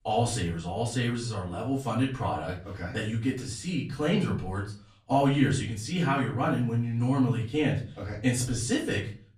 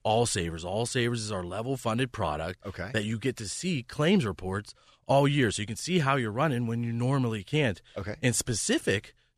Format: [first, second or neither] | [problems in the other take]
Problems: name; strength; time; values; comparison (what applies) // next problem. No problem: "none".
second | off-mic speech; far // room echo; slight; dies away in 0.4 s